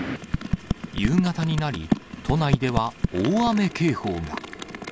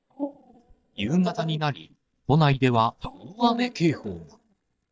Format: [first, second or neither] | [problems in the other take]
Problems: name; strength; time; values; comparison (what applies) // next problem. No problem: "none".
first | noise reduction (neural mask model DeepFilterNet 3)